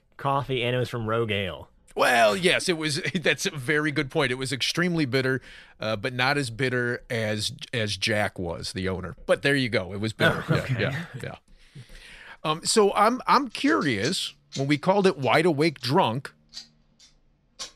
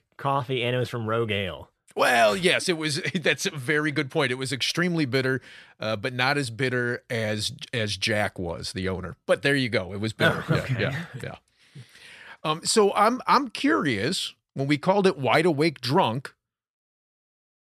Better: second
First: household noises; faint; throughout; 20 dB below the speech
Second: none

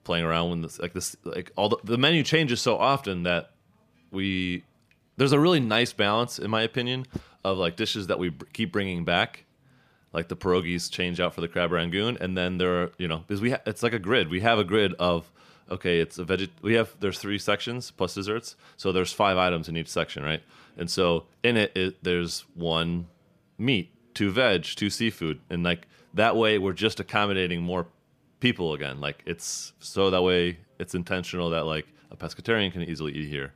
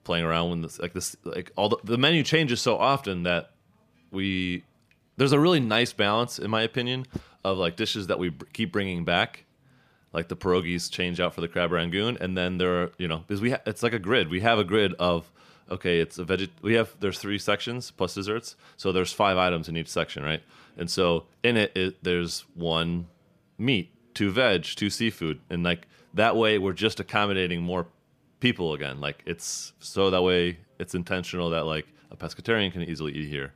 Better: neither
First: none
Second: none

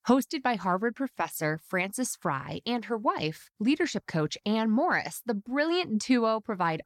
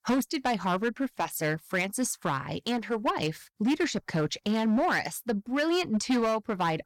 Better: first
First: none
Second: distortion; slight; 9% of the sound clipped

